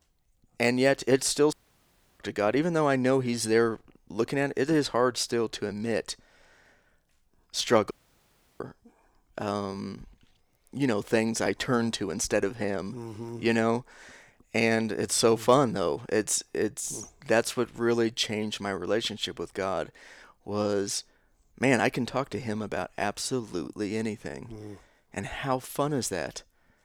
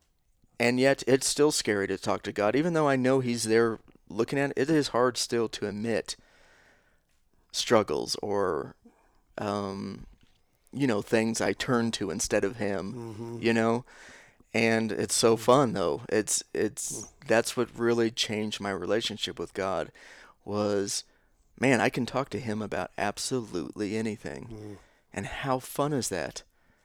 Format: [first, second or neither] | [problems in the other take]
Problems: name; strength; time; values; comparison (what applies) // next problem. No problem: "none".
second | audio cutting out; at 1.5 s for 0.5 s and at 8 s for 0.5 s